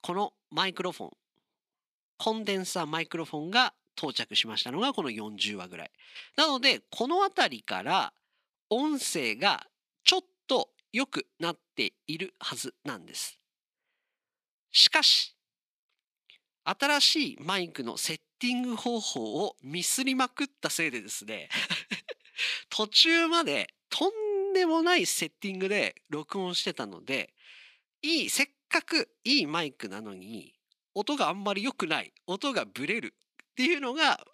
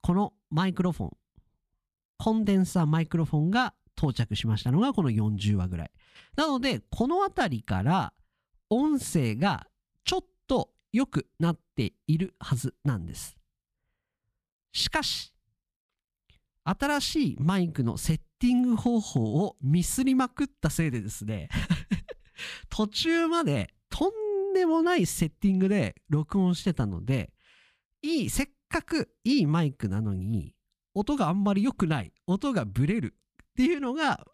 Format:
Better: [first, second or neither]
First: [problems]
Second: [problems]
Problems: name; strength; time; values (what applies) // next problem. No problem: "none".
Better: second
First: thin; somewhat; fading below 350 Hz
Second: none